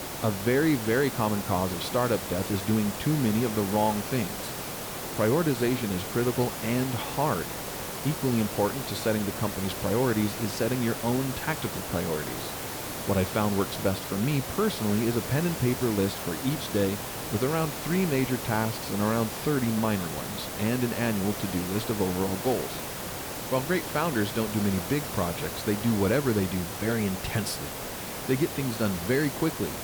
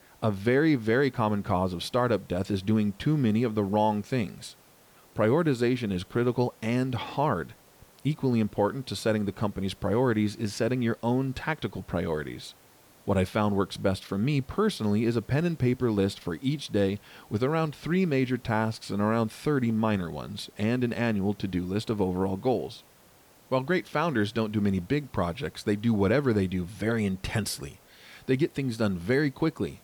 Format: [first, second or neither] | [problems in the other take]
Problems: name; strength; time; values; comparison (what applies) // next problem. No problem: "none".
second | hiss; loud; throughout; 5 dB below the speech; faint in the second